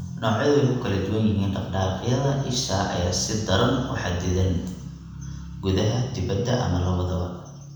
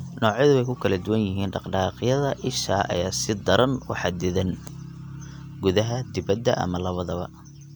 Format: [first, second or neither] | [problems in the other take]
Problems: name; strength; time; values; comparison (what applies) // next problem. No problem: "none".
second | room echo; dies away in 1 s